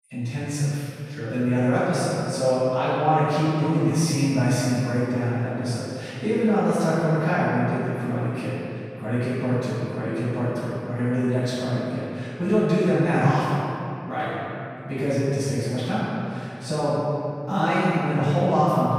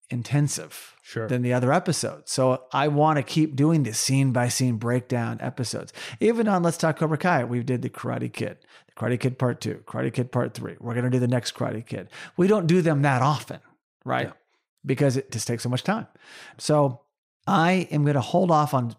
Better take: second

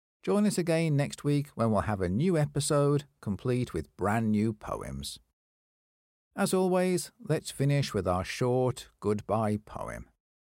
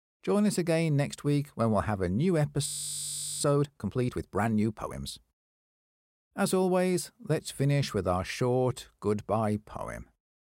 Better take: first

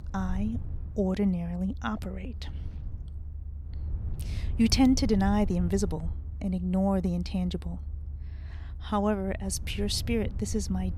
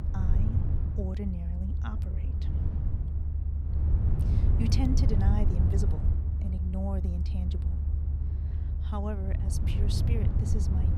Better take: first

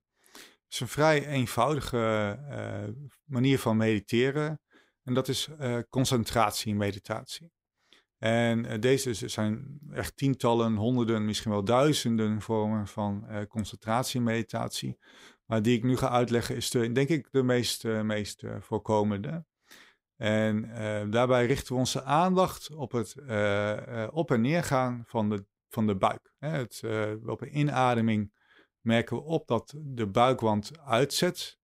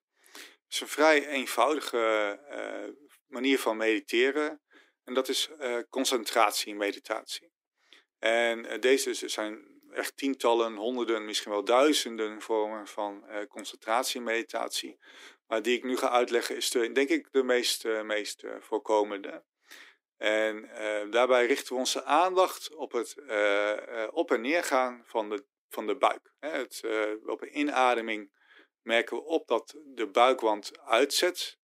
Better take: first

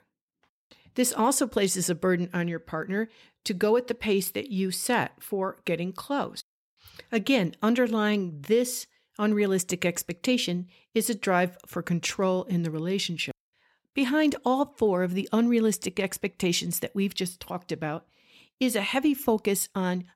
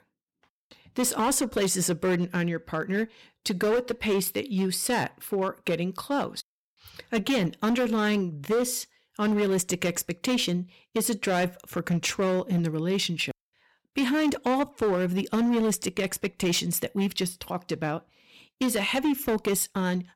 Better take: first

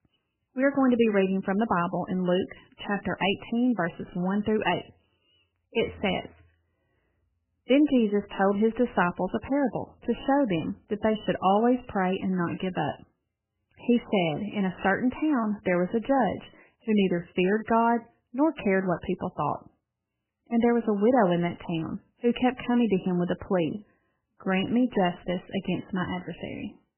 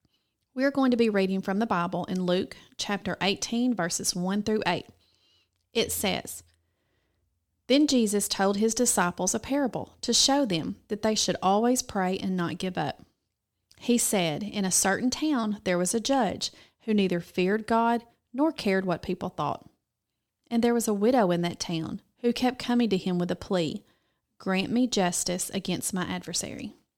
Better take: second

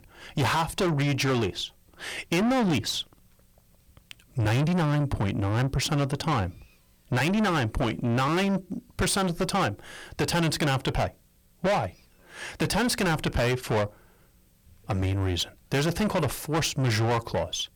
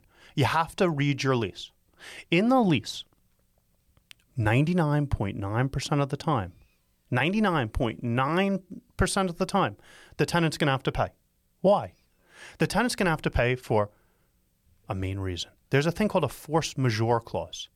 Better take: second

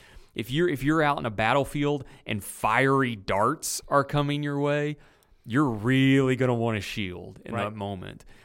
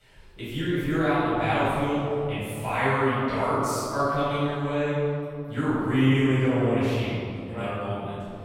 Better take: first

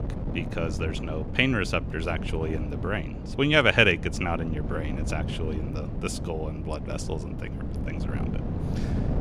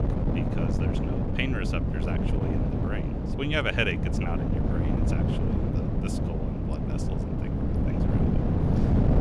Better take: first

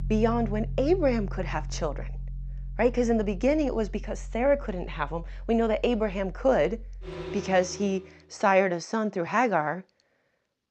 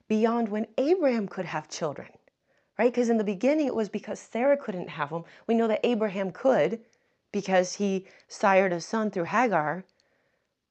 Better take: second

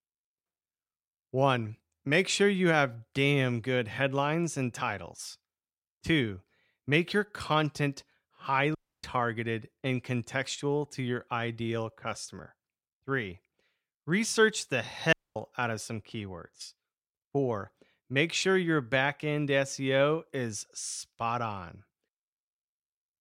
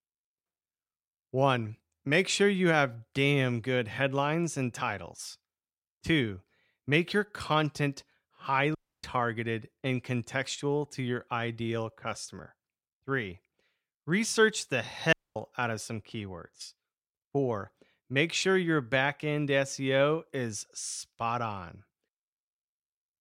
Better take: neither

